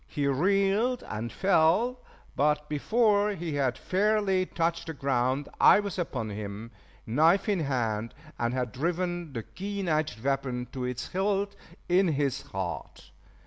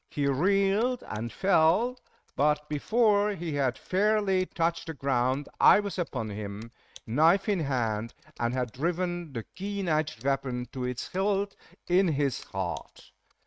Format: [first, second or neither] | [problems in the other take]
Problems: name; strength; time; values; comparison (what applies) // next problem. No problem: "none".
first | noise reduction (neural mask model RNNoise)